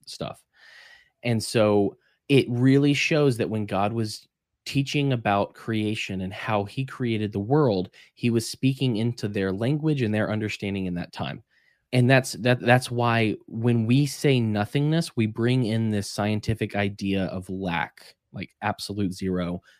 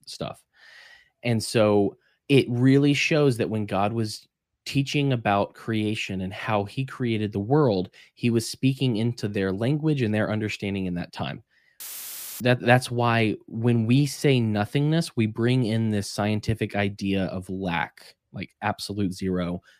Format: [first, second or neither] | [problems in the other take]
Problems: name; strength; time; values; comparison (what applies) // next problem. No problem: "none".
first | audio cutting out; filled with static; at 12 s for 0.5 s